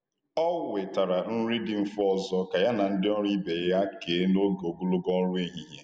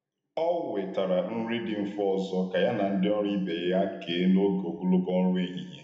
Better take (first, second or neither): first